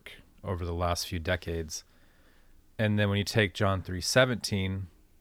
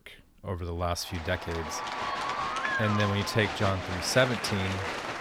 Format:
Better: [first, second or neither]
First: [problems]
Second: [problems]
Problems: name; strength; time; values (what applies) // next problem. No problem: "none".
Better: first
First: none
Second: crowd noise; loud; from 1.5 s on; 3 dB below the speech